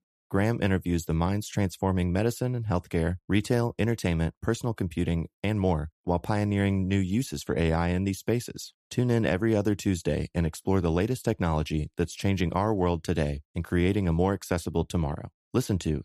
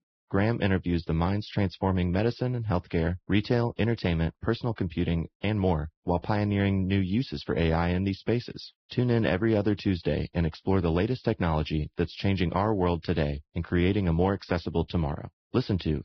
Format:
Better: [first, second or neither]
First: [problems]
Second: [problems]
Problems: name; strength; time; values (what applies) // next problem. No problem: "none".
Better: first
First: none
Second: garbled, watery; badly; nothing above 5.5 kHz